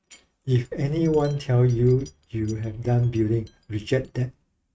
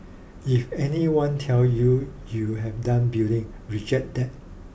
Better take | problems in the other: second | noise reduction (neural mask model RNNoise)

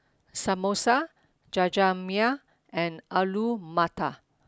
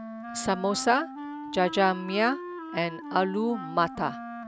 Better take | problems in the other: first | background sound (Wind instrument, woodwind instrument); 10 dB below the speech

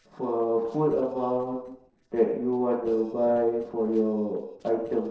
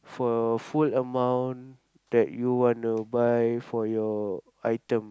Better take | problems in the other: second | noise reduction (neural separator model SepFormer DNS4)

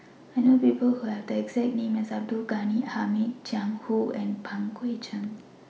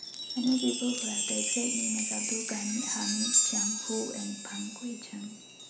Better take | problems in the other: first | background sound (Chime); 3 dB above the speech

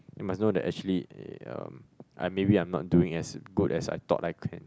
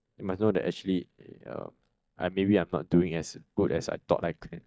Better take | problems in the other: first | noise reduction (neural mask model DeepFilterNet 3)

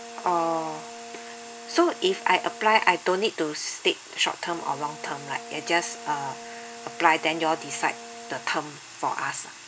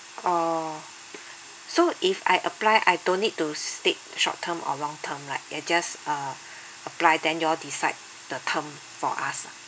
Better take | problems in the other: second | background sound (Brass instrument); 17 dB below the speech

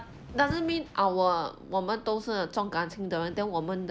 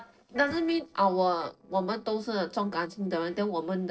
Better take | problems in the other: first | noise reduction (neural separator model SepFormer DNS4)

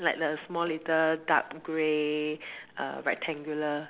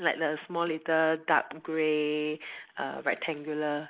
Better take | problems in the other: first | noise reduction (neural mask model Resemble Enhance denoiser)

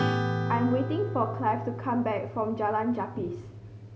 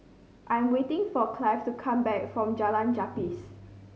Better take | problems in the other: second | background sound (Acoustic guitar / Strum); 3 dB below the speech

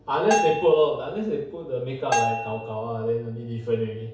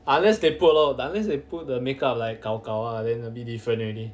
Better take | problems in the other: second | background sound (Bell); 5 dB below the speech // room echo; dies away in 0.6 s

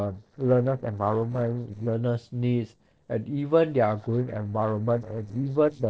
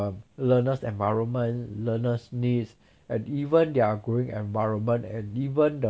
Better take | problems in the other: second | noise reduction (neural separator model SepFormer DNS4)

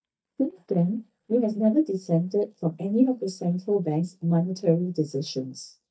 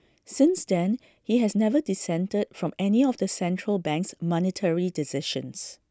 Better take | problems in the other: second | noise reduction (neural mask model DeepFilterNet 3)

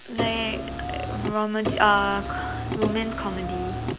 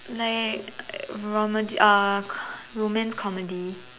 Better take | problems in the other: second | background sound (Car); 3 dB below the speech

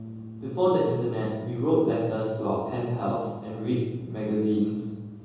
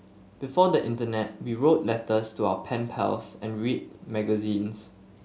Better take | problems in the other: second | background sound (Bass guitar); 18 dB below the speech // room echo; dies away in 1.3 s

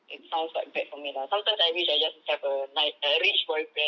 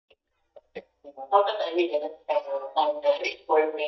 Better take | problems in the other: first | noise reduction (neural mask model DeepFilterNet 3)

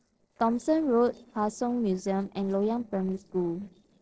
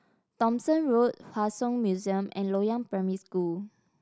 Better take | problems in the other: second | noise reduction (neural separator model SepFormer DNS4)

